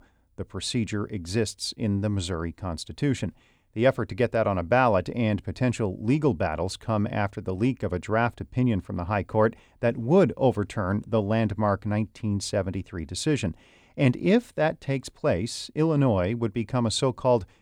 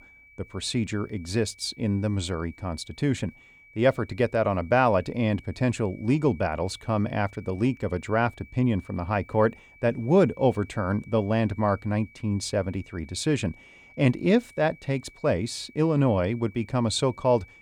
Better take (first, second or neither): first